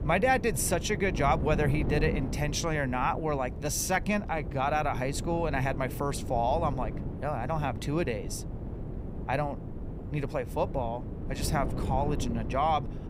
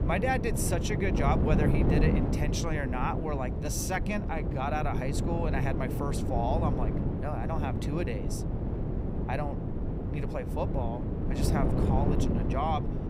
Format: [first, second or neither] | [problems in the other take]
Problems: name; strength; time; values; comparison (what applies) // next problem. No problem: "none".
first | wind noise on the microphone; heavy; 4 dB below the speech; occasional gusts in the first